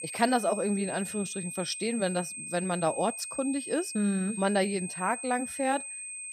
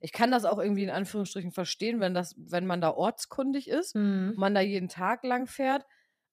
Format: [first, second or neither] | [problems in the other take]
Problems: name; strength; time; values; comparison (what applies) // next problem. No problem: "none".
second | high-pitched whine; loud; throughout; 8.5 kHz, 7 dB below the speech